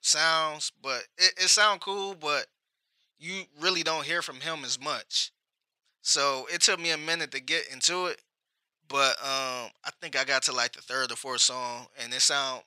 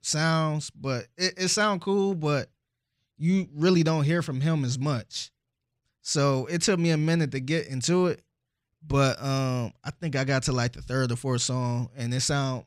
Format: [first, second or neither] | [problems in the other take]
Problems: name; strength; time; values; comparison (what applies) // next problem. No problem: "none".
second | thin; very; fading below 800 Hz